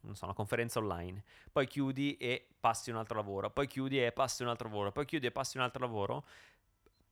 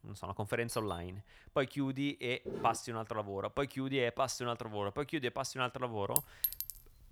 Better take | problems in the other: first | doorbell; faint; at 0.5 s; peak 10 dB below the speech // footsteps; noticeable; at 2.5 s; peak 6 dB below the speech // clattering dishes; loud; at 6 s; peak 4 dB above the speech

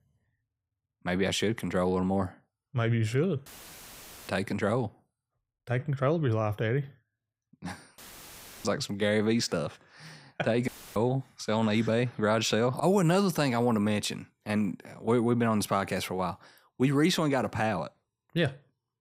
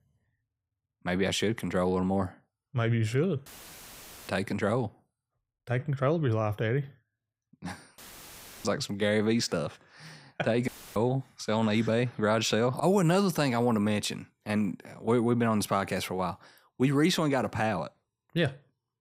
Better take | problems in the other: neither | audio cutting out; filled with static; at 3.5 s for 1 s, at 8 s for 0.5 s and at 11 s; the same in both

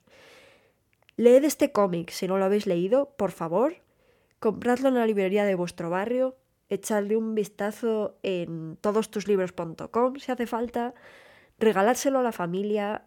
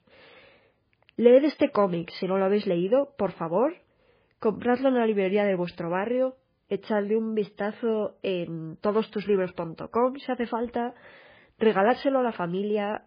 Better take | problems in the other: first | garbled, watery; badly; nothing above 5 kHz

